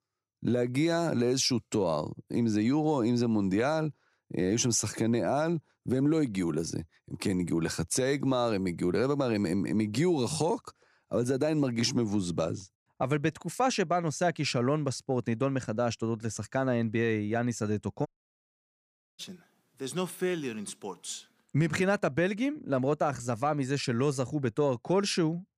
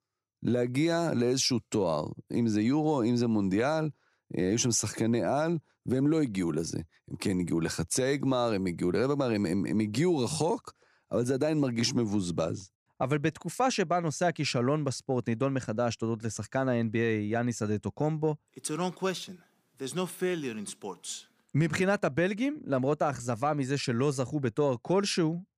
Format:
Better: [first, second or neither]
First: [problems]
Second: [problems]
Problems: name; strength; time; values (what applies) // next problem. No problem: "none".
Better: second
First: audio cutting out; at 18 s for 1 s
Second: none